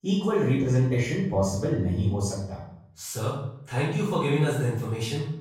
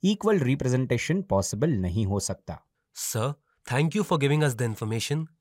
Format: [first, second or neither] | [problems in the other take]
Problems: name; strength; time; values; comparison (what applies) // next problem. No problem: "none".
second | off-mic speech; far // room echo; noticeable; dies away in 0.6 s